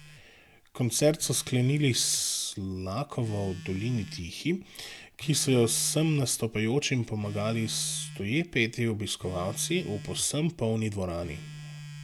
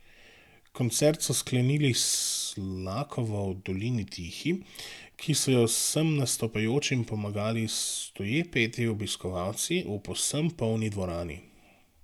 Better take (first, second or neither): second